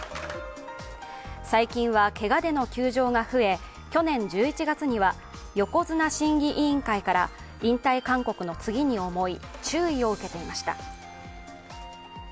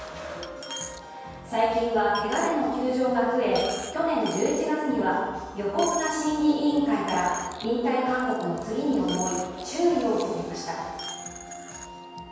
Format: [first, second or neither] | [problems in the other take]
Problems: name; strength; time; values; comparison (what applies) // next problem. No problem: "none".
first | background sound (Coin (dropping)); 15 dB below the speech // room echo; dies away in 1.2 s